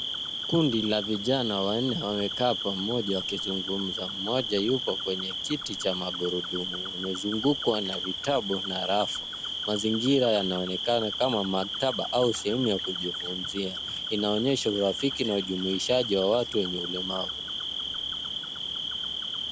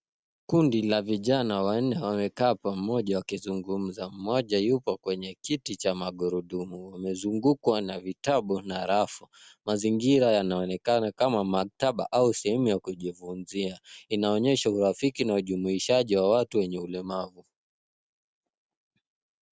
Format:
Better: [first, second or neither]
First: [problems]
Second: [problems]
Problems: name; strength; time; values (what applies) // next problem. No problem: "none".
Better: second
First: background sound (Cricket); 5 dB below the speech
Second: none